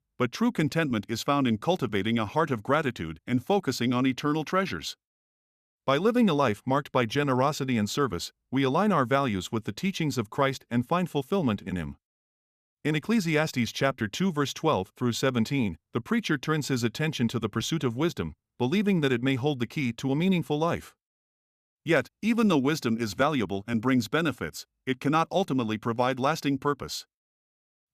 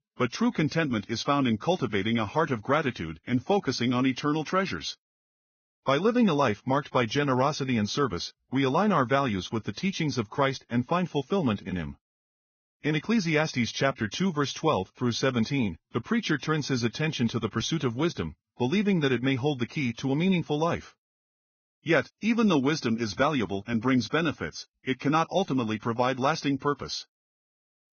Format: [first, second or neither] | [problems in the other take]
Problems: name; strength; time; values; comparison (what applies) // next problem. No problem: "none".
first | garbled, watery; badly; nothing above 6.5 kHz